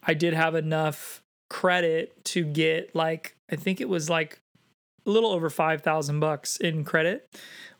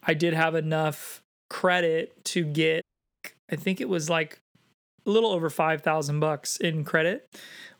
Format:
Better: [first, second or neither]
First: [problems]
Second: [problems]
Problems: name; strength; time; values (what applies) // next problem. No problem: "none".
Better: first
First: none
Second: audio cutting out; at 3 s